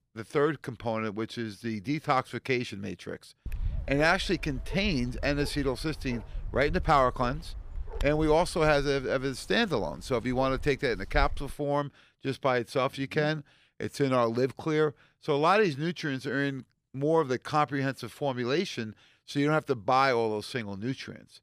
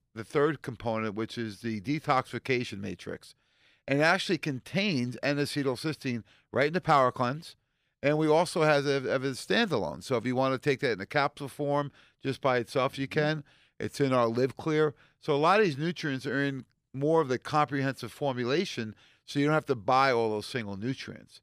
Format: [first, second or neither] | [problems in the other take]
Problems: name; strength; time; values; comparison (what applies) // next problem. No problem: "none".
second | dog barking; noticeable; from 3.5 to 12 s; peak 8 dB below the speech